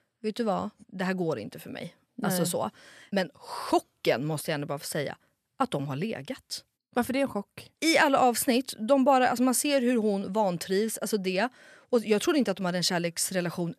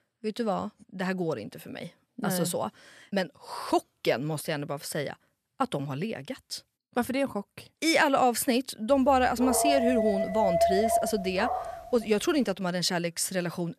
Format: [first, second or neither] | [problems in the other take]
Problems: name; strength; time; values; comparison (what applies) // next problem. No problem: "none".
first | dog barking; loud; from 9.5 to 12 s; peak 4 dB above the speech